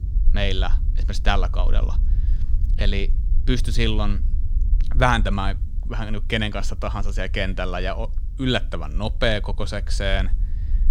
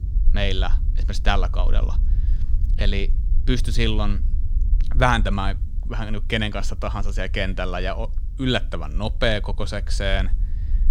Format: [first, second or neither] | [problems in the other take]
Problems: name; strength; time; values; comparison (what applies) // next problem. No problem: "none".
neither | low rumble; faint; throughout; 20 dB below the speech; the same in both